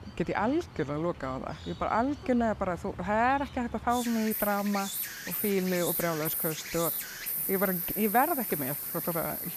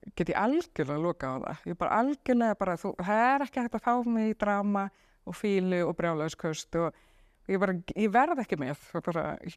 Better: second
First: animal sounds; loud; throughout; 2 dB below the speech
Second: none

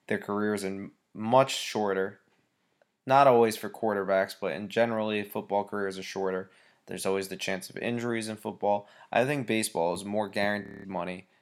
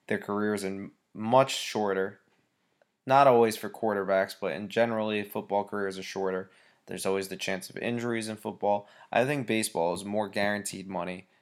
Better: second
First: audio freezing; at 11 s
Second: none

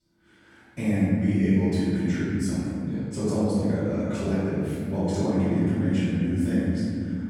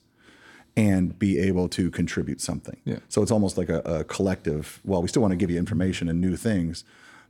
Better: second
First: room echo; strong; dies away in 3 s // off-mic speech; far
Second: none

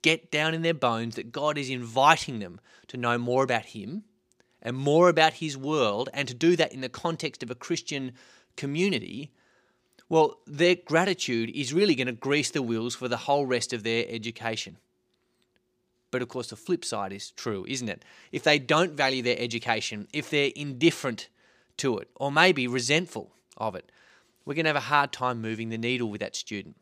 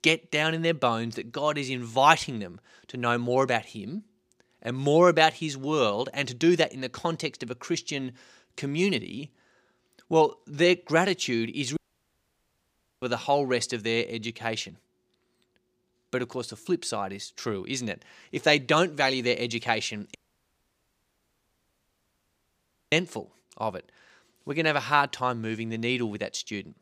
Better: first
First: none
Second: audio cutting out; at 12 s for 1.5 s and at 20 s for 3 s

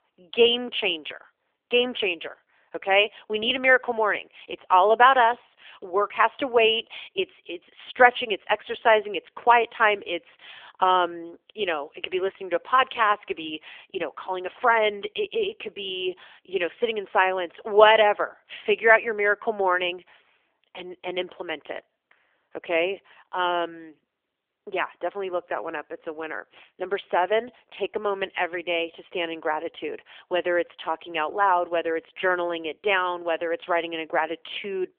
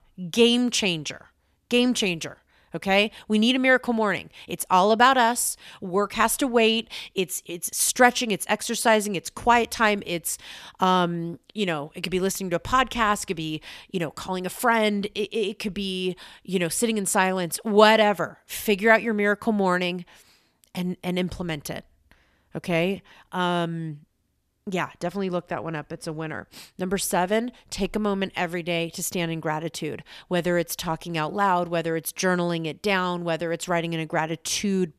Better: second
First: phone-call audio; nothing above 3.5 kHz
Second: none

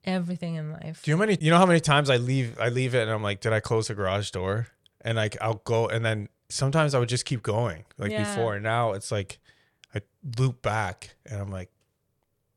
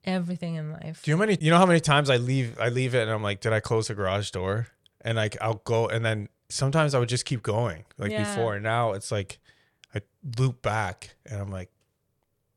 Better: neither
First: none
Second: none

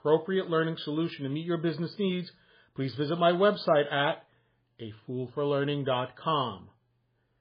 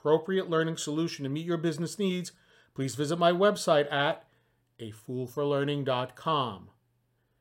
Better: second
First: garbled, watery; badly; nothing above 4.5 kHz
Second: none

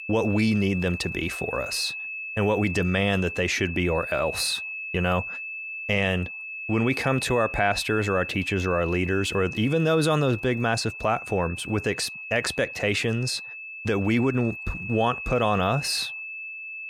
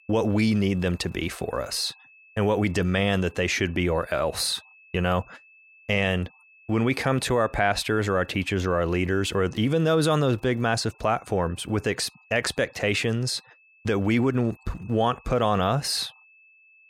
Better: second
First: high-pitched whine; loud; throughout; 2.5 kHz, 8 dB below the speech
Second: high-pitched whine; faint; throughout; 2.5 kHz, 30 dB below the speech

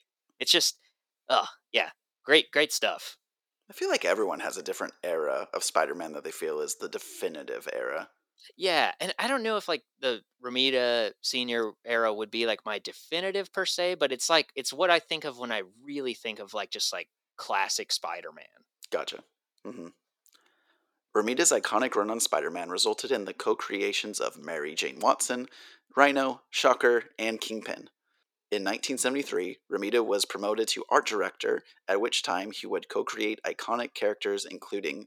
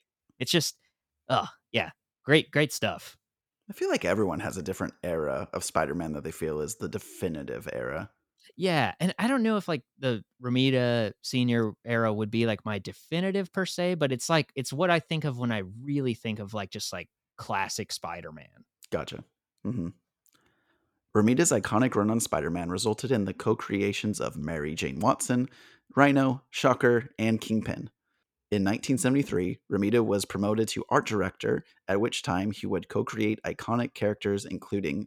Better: second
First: thin; somewhat; fading below 400 Hz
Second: none

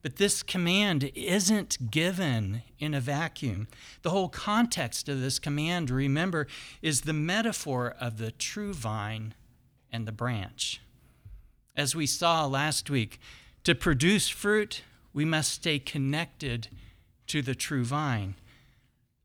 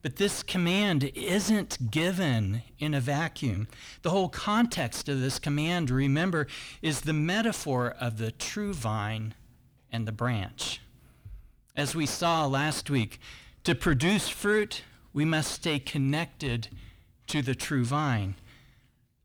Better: first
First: none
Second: distortion; slight; 10 dB below the speech

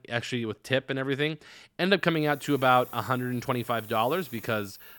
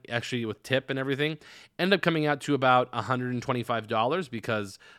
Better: second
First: hiss; noticeable; throughout; 15 dB below the speech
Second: none

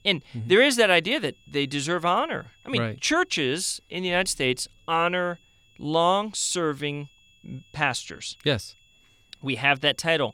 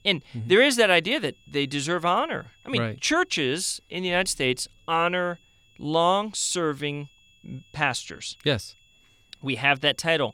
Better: neither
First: high-pitched whine; faint; throughout; 3.5 kHz, 35 dB below the speech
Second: high-pitched whine; faint; throughout; 3.5 kHz, 35 dB below the speech

